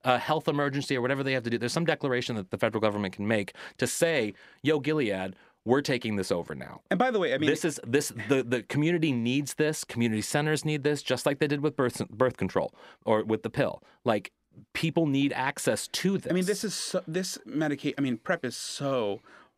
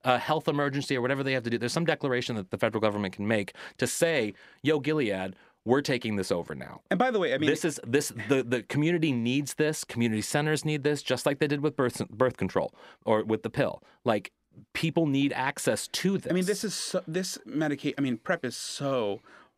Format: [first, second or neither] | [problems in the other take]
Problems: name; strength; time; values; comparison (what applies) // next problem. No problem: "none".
neither | none